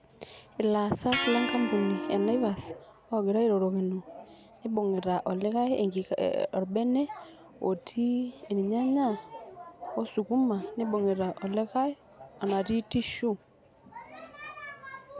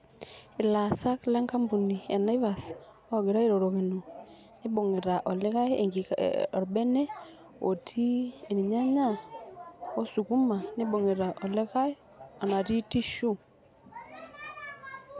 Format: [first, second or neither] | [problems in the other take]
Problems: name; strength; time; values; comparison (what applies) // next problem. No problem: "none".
second | background sound (Electric guitar); 5 dB below the speech